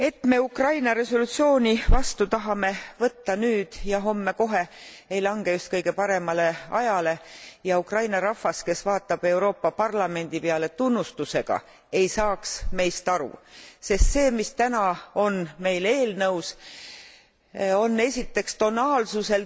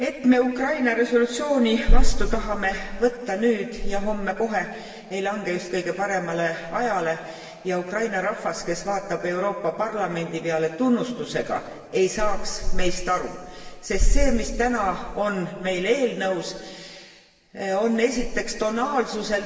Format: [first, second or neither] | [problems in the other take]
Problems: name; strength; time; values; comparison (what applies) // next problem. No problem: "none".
first | room echo; dies away in 1.9 s